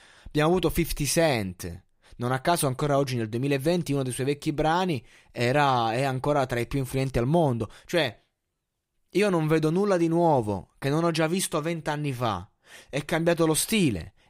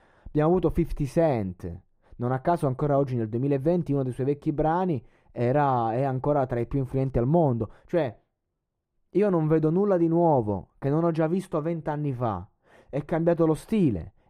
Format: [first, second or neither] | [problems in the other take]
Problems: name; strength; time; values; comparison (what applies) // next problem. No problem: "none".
first | muffled; very; fading above 2 kHz